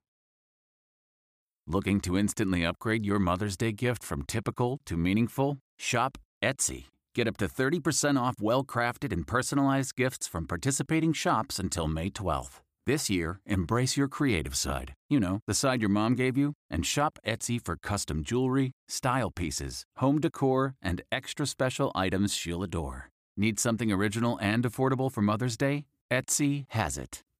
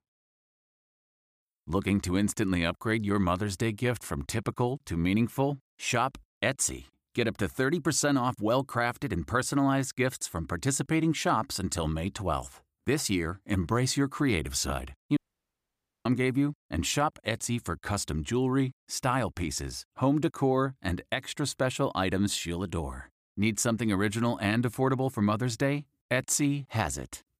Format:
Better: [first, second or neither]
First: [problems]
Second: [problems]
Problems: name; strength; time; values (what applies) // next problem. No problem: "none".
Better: first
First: none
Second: audio cutting out; at 15 s for 1 s